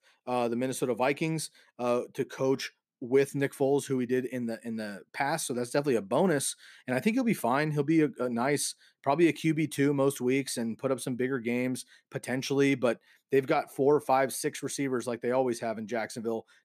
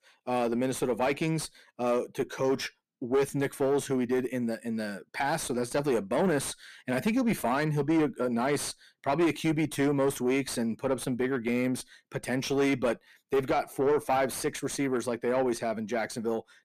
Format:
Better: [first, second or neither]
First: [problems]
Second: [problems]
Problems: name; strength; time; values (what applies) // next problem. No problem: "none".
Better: first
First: none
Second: distortion; slight; 9 dB below the speech